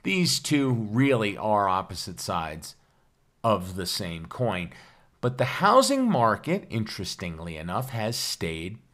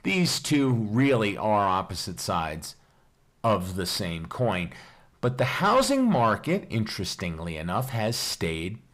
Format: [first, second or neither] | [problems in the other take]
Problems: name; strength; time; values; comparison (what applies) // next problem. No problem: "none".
first | distortion; slight; 10 dB below the speech